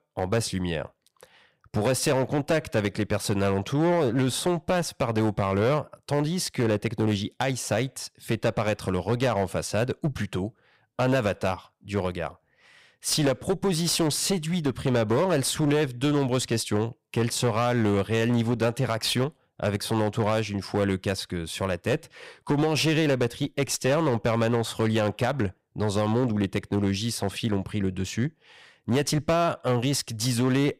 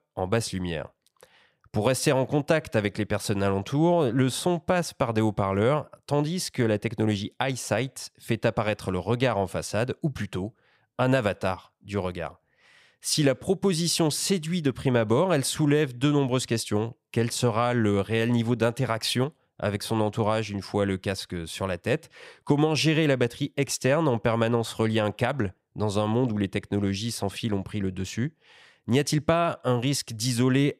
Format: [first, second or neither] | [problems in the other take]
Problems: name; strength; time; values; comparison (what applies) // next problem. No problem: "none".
second | distortion; slight; 11% of the sound clipped